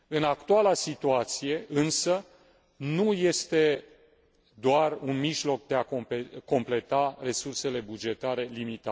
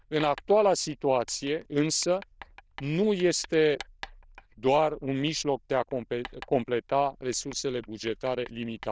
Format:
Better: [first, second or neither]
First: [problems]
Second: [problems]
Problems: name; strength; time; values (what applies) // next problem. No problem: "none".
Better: first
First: none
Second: noise reduction (neural diffusion model UNIVERSE++)